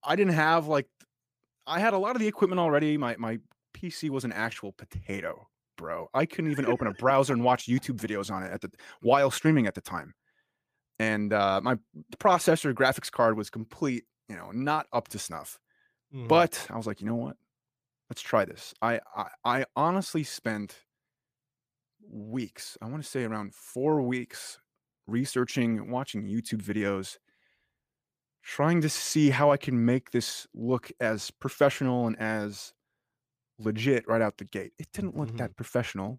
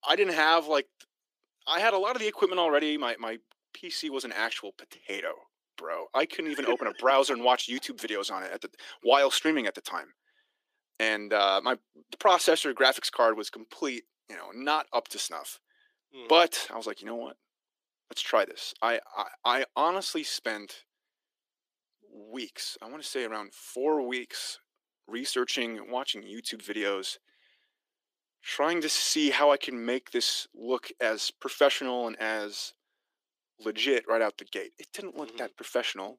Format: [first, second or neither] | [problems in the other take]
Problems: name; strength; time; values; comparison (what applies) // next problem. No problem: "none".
first | thin; somewhat; fading below 300 Hz